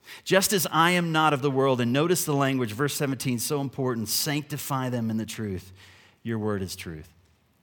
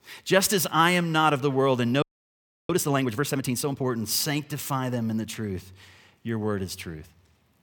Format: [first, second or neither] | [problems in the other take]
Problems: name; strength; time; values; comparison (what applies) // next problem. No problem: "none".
first | audio freezing; at 2 s for 0.5 s